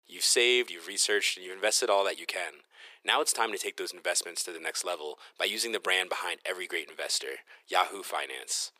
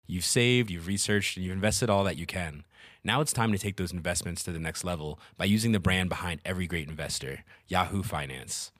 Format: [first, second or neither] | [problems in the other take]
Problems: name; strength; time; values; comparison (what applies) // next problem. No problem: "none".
second | thin; very; fading below 350 Hz